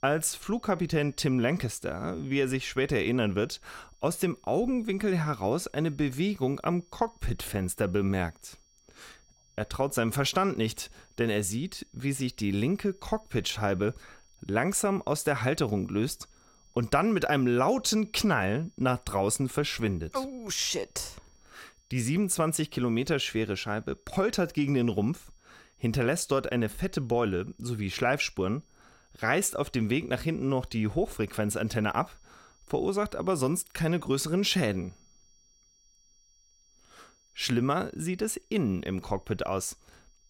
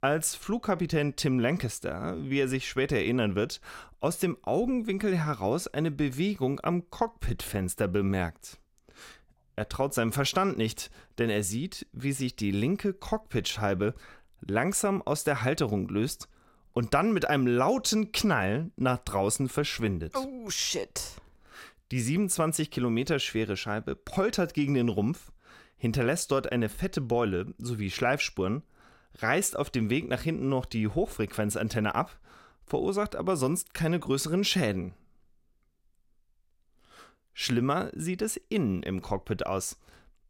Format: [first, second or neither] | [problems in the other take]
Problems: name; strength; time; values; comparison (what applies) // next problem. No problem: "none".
second | high-pitched whine; faint; throughout; 5.5 kHz, 35 dB below the speech